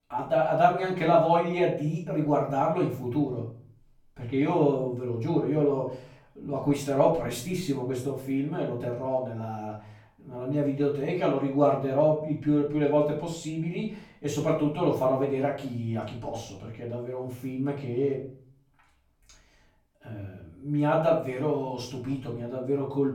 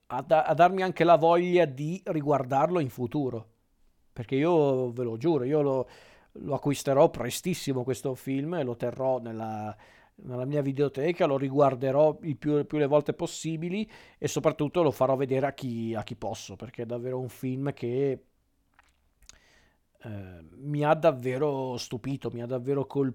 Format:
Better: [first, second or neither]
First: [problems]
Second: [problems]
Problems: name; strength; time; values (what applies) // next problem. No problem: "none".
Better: second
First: off-mic speech; far // room echo; slight; dies away in 0.4 s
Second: none